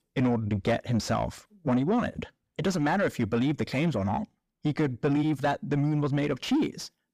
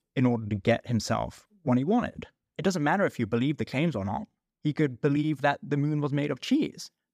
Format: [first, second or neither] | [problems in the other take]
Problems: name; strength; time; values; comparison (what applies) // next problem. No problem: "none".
second | distortion; slight; 9 dB below the speech